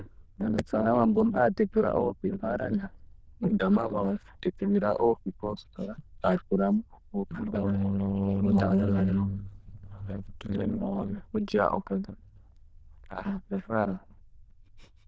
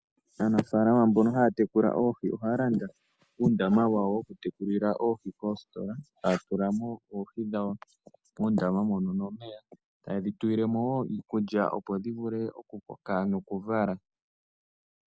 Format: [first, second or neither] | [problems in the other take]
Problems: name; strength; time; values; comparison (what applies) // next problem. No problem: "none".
second | noise reduction (neural diffusion model UNIVERSE++)